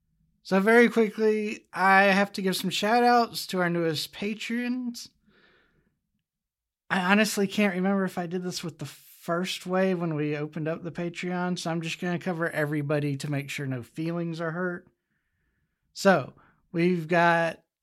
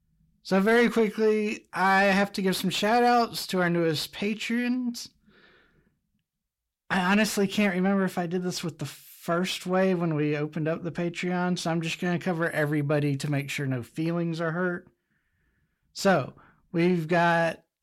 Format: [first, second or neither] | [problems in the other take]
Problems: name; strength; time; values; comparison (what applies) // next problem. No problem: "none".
first | distortion; slight; 10 dB below the speech